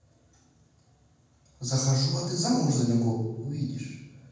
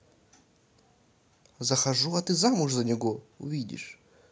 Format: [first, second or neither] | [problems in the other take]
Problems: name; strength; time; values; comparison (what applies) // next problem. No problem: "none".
second | room echo; dies away in 1.2 s